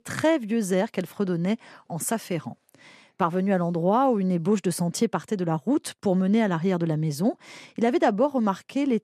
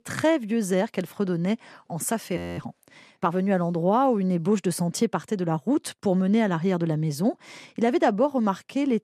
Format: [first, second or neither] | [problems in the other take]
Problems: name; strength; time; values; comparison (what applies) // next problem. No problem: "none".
first | audio freezing; at 2.5 s